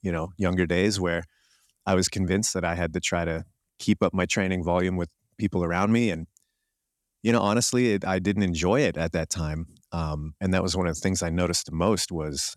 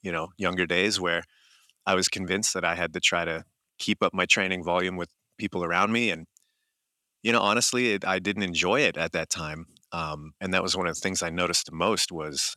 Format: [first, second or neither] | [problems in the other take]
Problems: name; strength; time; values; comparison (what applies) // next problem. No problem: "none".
first | thin; very slightly; fading below 700 Hz